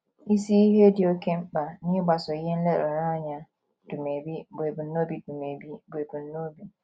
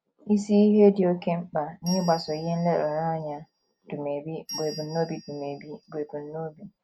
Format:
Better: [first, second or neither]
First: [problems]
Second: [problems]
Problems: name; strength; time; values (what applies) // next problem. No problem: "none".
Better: first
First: none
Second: background sound (Bell); 18 dB below the speech